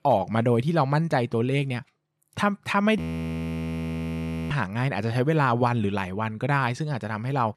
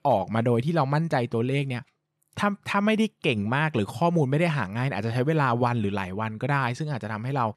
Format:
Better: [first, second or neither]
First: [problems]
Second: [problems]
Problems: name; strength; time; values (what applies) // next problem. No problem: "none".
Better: second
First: audio freezing; at 3 s for 1.5 s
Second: none